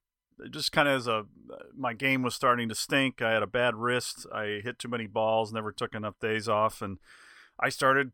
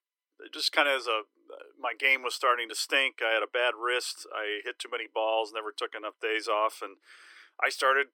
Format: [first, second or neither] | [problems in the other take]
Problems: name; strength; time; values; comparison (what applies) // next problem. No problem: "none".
first | thin; very; fading below 300 Hz